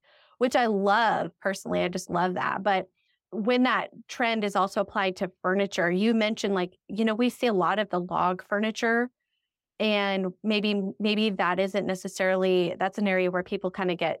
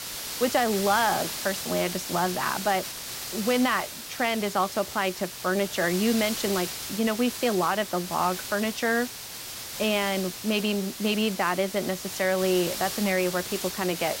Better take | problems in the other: first | hiss; loud; throughout; 6 dB below the speech

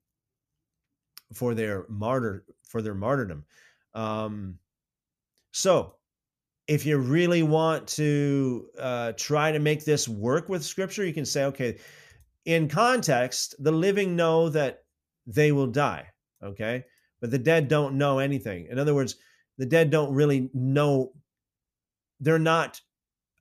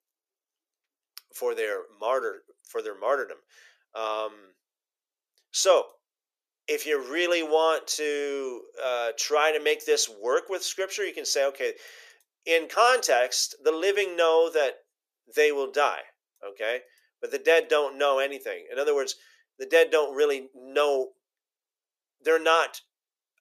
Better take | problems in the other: first | thin; very; fading below 400 Hz

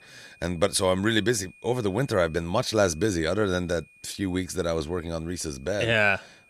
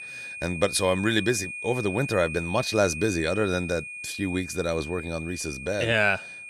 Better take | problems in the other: first | high-pitched whine; loud; throughout; 2.5 kHz, 8 dB below the speech; faint in the first

